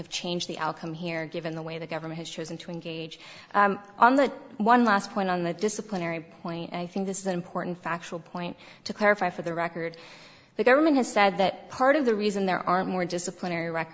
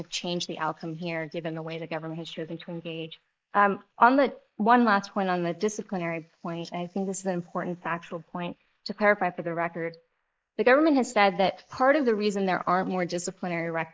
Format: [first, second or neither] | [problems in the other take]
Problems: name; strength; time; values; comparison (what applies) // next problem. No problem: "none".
first | noise reduction (neural mask model Resemble Enhance denoiser)